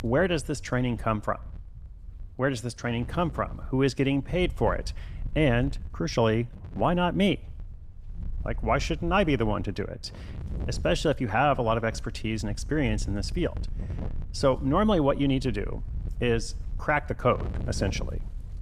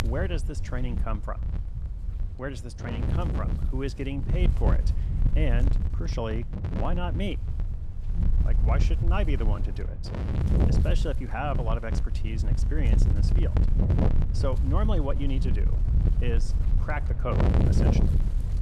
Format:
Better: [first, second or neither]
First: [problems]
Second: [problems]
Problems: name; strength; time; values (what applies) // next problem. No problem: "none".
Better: first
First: wind noise on the microphone; occasional gusts; 25 dB below the speech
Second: wind noise on the microphone; heavy; 4 dB below the speech